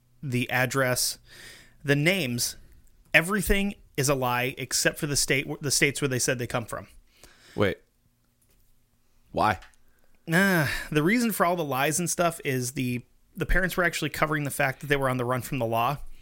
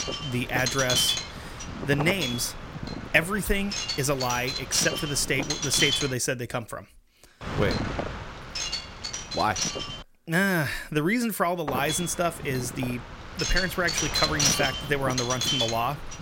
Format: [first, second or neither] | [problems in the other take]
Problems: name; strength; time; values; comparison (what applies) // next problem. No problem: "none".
first | wind noise on the microphone; heavy; until 6 s, from 7.5 to 10 s and from 12 s on; 2 dB below the speech